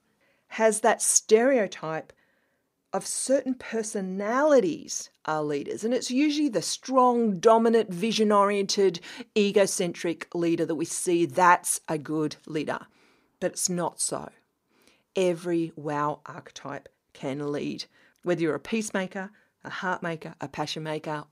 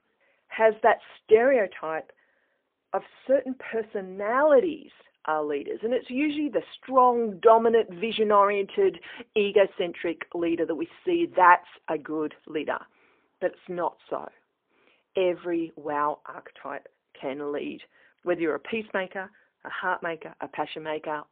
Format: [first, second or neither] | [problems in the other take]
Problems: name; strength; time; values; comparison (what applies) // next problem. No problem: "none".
first | phone-call audio; poor line